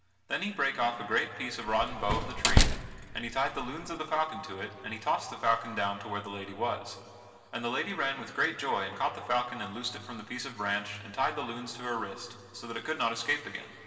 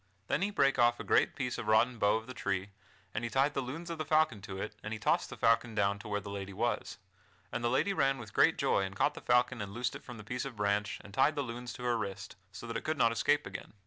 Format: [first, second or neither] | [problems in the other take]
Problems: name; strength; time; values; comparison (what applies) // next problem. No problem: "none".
second | background sound (Slam); 4 dB above the speech // room echo; dies away in 2.3 s